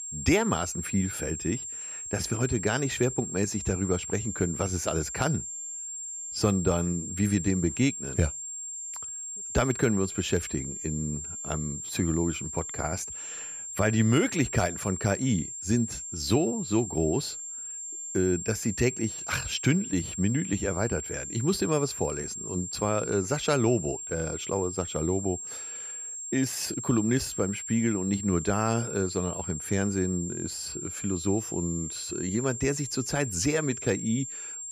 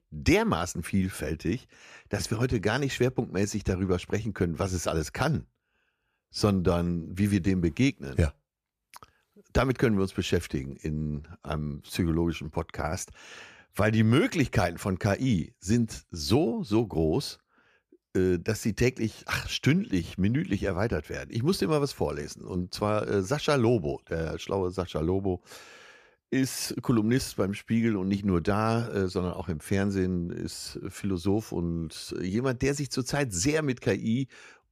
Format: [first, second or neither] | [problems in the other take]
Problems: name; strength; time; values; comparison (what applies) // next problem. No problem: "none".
second | high-pitched whine; loud; throughout; 7.5 kHz, 6 dB below the speech